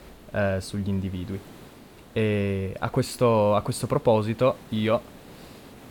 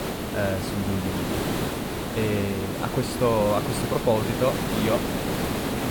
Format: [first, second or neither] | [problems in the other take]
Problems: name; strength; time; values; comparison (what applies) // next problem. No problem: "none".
first | hiss; loud; throughout; 1 dB below the speech; faint in the first